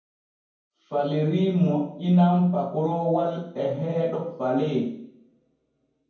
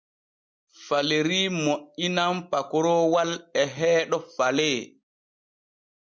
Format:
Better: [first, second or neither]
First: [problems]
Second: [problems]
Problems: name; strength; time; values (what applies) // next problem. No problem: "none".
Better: second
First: room echo; dies away in 0.9 s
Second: none